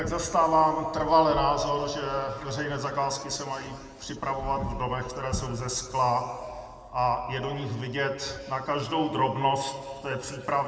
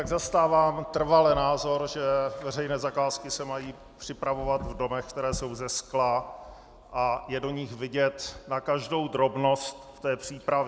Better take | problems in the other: second | room echo; dies away in 1.9 s

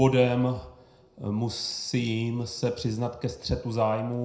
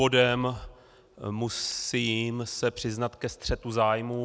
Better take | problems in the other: second | room echo; dies away in 0.5 s

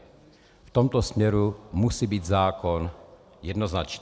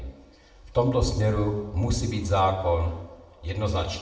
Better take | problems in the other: first | room echo; dies away in 0.7 s

